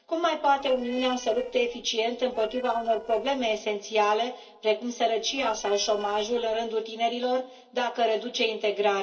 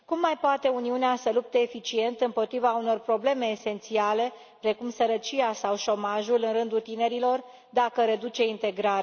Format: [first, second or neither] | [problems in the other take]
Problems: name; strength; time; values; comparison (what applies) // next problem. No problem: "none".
second | noise reduction (neural separator model SepFormer DNS4)